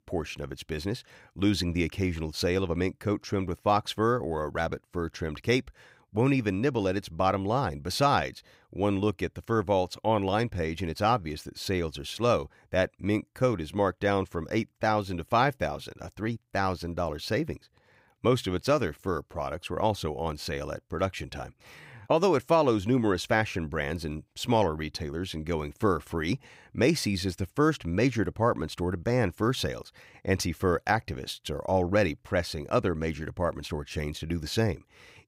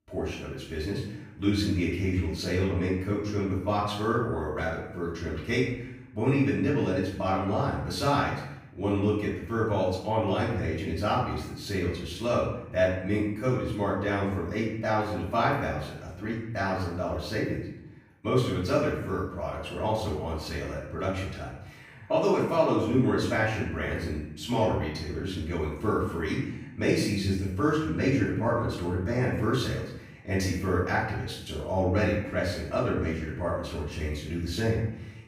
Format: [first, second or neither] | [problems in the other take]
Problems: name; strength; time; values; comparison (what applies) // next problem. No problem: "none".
first | off-mic speech; far // room echo; noticeable; dies away in 0.8 s